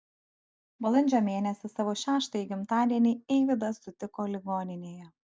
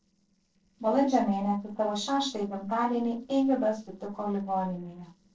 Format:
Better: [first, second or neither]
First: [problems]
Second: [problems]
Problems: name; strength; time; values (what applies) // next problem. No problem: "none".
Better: first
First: none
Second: noise reduction (neural separator model SepFormer DNS4)